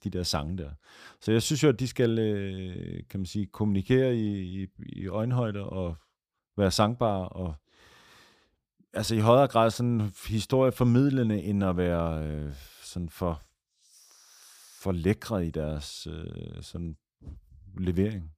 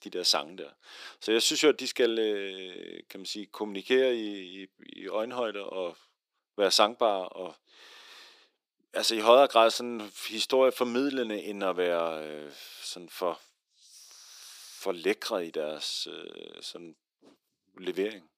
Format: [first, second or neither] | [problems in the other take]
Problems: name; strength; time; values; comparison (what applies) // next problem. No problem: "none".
first | thin; somewhat; fading below 350 Hz